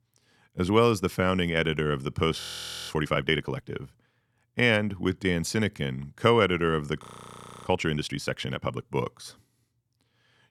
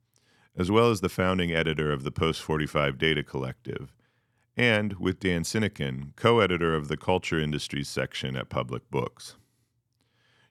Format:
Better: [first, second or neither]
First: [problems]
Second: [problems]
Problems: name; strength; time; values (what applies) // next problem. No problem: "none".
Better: second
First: audio freezing; at 2.5 s and at 7 s for 0.5 s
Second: none